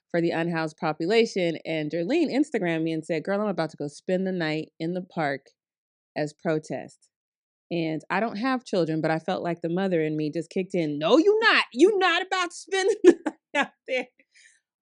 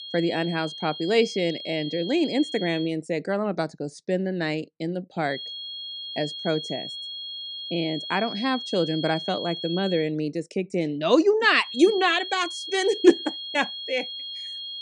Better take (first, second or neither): first